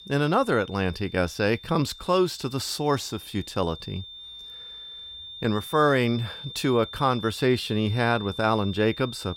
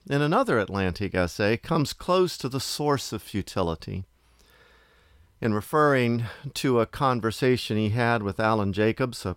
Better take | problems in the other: second | high-pitched whine; noticeable; throughout; 3.5 kHz, 15 dB below the speech

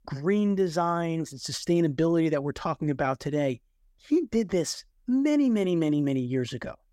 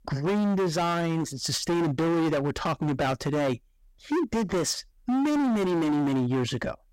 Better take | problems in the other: first | distortion; heavy; 30% of the sound clipped

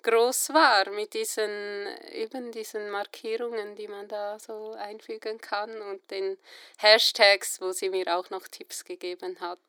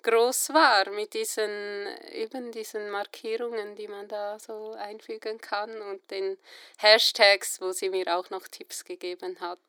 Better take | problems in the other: neither | thin; very; fading below 300 Hz; the same in both

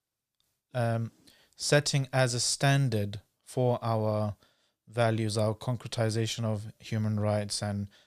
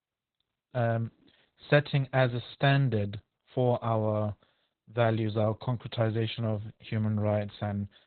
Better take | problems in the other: first | garbled, watery; badly; nothing above 4 kHz

